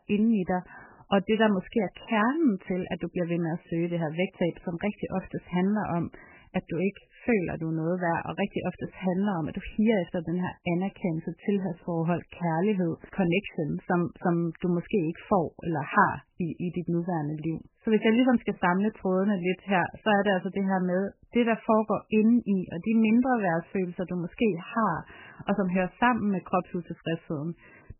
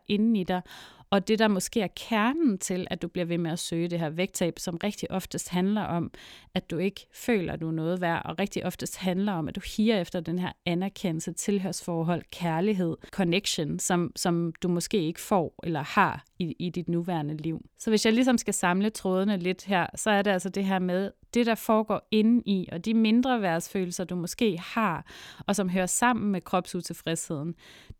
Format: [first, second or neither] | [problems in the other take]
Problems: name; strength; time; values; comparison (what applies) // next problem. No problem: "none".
second | garbled, watery; badly; nothing above 3 kHz